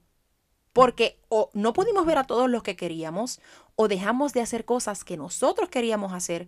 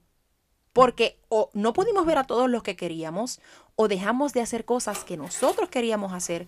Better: first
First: none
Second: household noises; very faint; throughout; 15 dB below the speech

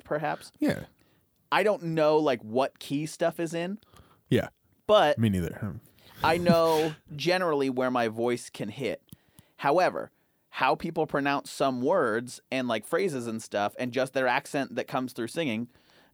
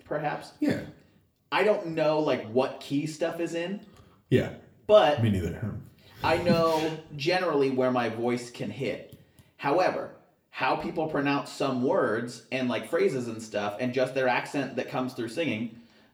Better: first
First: none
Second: room echo; very slight; dies away in 0.5 s // off-mic speech; somewhat distant

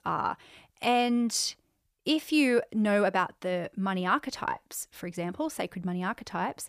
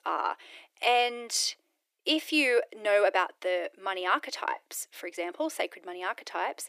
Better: first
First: none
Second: thin; very; fading below 300 Hz

